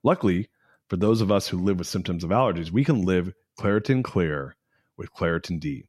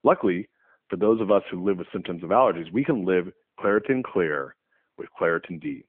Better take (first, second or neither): first